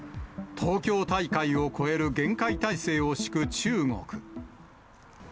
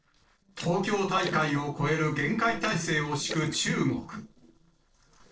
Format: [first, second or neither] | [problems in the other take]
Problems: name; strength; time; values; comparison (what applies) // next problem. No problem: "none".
first | noise reduction (neural separator model SepFormer DNS4)